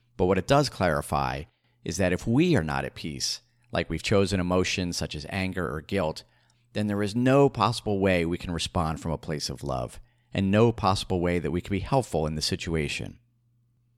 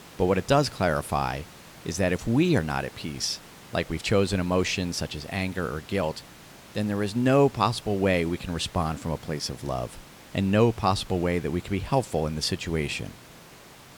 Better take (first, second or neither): first